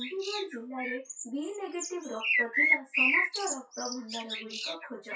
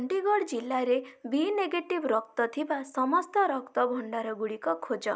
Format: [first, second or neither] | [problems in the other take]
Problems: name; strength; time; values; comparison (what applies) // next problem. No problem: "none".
second | noise reduction (classical method WPE with log-MMSE)